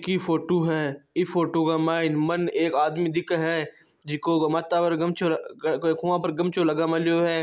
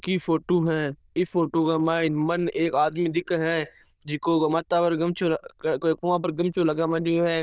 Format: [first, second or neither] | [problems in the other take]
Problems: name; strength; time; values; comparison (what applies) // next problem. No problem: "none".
first | noise reduction (neural diffusion model UNIVERSE++)